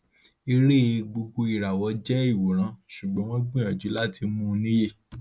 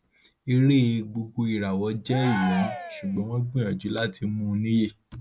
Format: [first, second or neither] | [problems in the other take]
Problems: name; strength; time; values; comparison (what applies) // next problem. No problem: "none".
first | background sound (Cheering); 11 dB below the speech